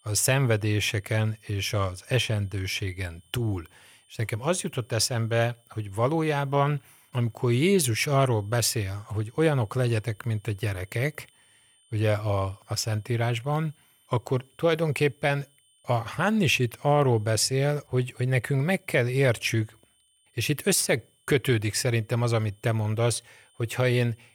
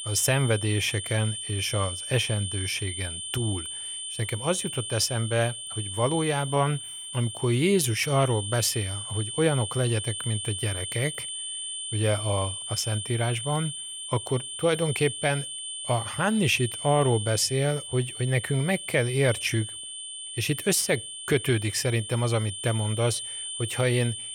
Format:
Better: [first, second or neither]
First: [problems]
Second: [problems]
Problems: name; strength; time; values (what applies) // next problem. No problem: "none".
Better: first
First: high-pitched whine; faint; throughout; 3 kHz, 35 dB below the speech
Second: high-pitched whine; loud; throughout; 3 kHz, 6 dB below the speech